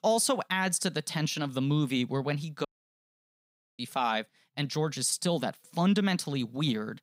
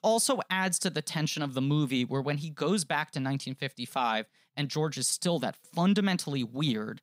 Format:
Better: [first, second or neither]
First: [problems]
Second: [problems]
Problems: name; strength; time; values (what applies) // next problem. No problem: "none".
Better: second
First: audio cutting out; at 2.5 s for 1 s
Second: none